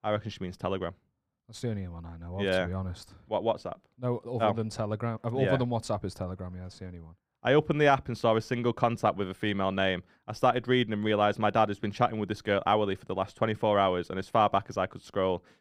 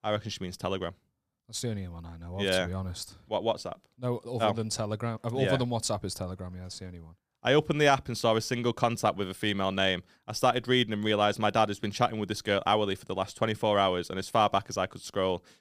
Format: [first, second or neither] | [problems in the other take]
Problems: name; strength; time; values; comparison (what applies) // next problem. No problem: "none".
second | muffled; slightly; fading above 3.5 kHz